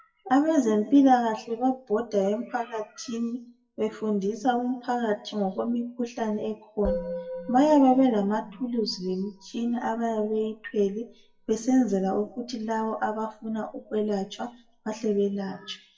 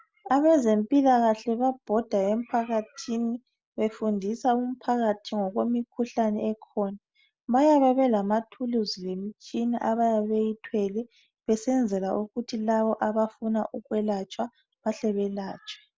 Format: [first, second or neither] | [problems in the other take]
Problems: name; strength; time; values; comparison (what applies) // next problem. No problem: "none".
second | noise reduction (classical method WPE with log-MMSE)